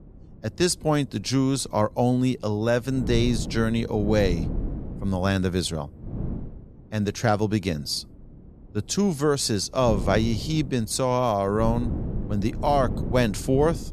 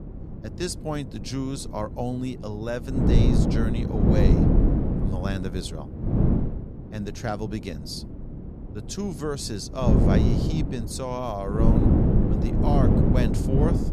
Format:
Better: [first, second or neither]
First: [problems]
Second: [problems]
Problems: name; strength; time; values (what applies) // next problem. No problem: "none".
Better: first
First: wind noise on the microphone; occasional gusts; 15 dB below the speech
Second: wind noise on the microphone; heavy; 2 dB above the speech